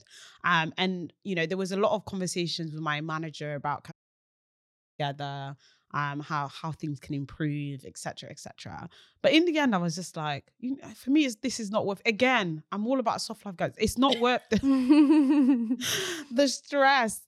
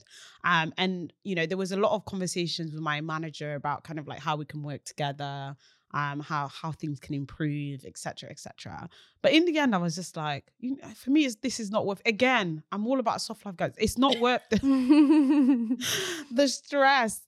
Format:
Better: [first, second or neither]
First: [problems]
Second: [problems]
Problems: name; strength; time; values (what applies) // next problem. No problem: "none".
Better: second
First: audio cutting out; at 4 s for 1 s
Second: none